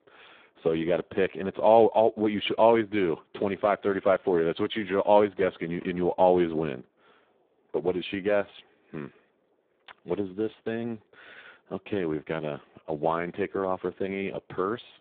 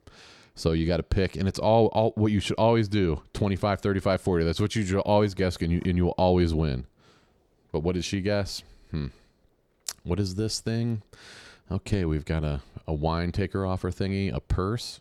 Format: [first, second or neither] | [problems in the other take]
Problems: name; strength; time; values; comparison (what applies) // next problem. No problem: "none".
second | phone-call audio; poor line